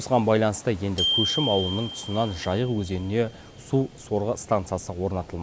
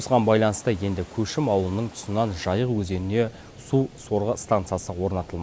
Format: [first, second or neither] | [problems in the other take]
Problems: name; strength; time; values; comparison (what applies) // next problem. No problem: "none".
second | background sound (Glockenspiel); 8 dB below the speech